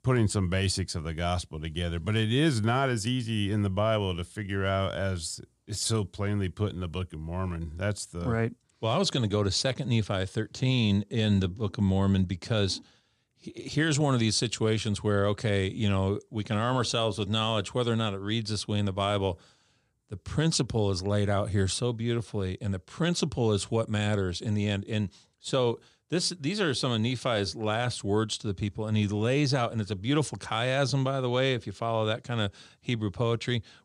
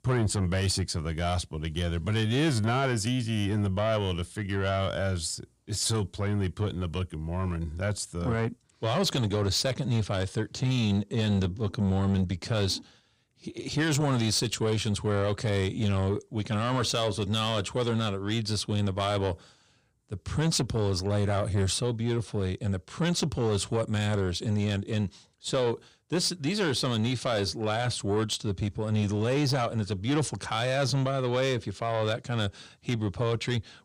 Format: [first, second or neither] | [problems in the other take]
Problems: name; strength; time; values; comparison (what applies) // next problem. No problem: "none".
first | distortion; slight; 10 dB below the speech